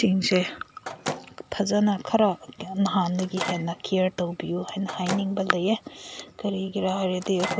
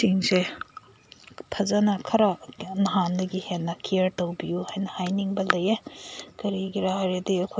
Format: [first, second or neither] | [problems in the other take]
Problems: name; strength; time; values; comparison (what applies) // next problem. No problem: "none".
second | background sound (Microwave oven); 12 dB below the speech